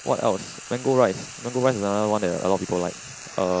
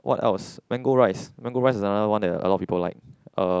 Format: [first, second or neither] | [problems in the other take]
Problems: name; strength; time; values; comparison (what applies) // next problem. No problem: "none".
second | background sound (Frying (food)); 15 dB below the speech